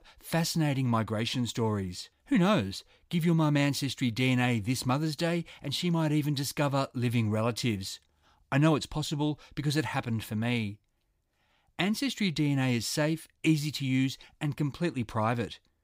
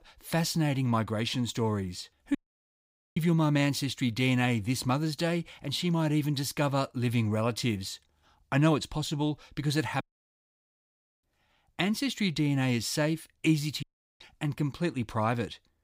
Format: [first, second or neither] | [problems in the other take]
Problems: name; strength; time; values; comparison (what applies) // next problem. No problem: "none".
first | audio cutting out; at 2.5 s for 1 s, at 10 s for 1 s and at 14 s